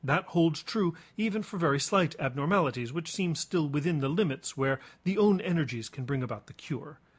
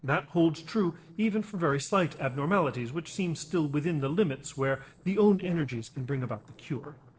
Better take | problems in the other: first | noise reduction (neural separator model SepFormer DNS4)

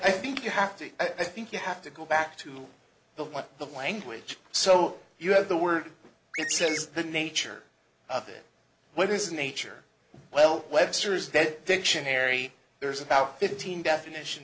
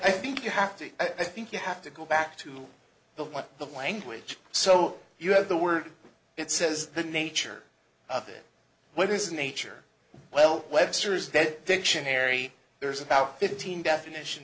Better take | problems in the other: second | background sound (Chirp, tweet); 5 dB below the speech

